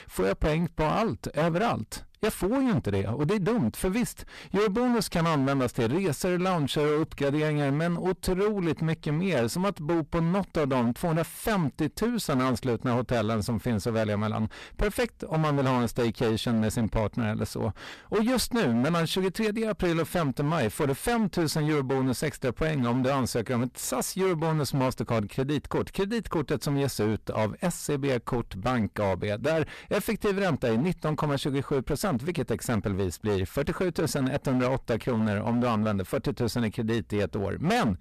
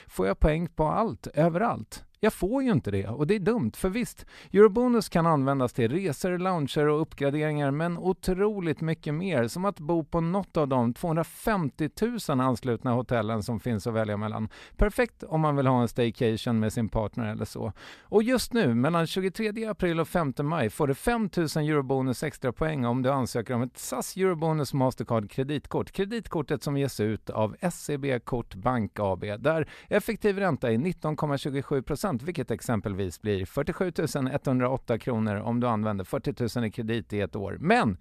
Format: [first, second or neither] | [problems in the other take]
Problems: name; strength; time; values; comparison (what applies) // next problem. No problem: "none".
second | distortion; heavy; 18% of the sound clipped